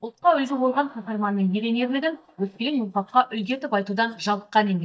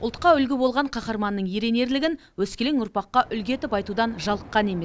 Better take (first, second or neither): second